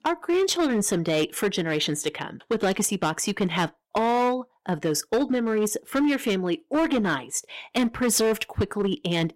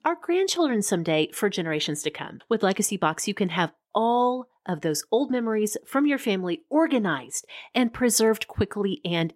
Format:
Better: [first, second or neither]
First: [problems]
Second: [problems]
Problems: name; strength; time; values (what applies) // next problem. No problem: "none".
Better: second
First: distortion; slight; 11% of the sound clipped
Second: none